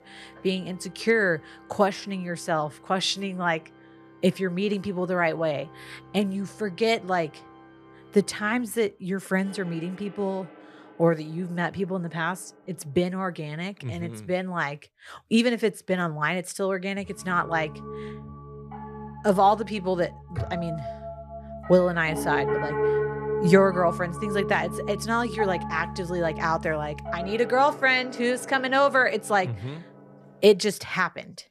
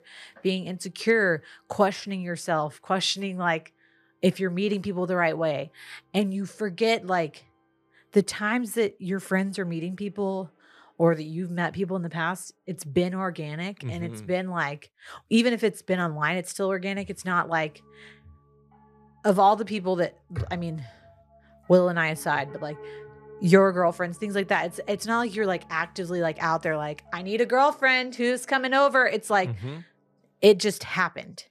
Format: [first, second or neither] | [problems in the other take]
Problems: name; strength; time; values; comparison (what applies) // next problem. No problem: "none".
second | background music; loud; throughout; 8 dB below the speech; faint in the second